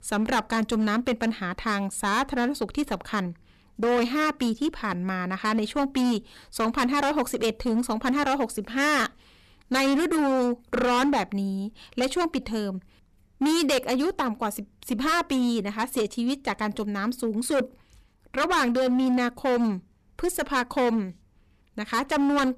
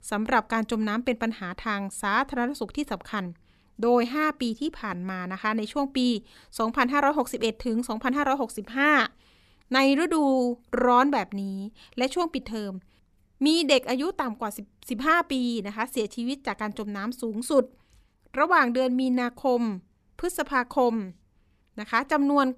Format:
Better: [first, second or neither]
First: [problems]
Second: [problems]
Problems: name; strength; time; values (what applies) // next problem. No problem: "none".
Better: second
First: distortion; heavy; 14% of the sound clipped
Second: none